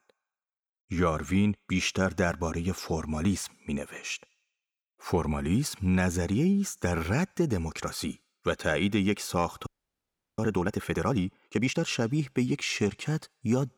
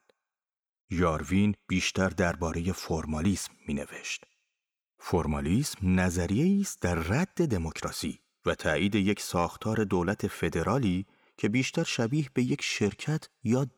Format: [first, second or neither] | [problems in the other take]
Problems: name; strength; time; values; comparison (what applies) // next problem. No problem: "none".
second | audio freezing; at 9.5 s for 0.5 s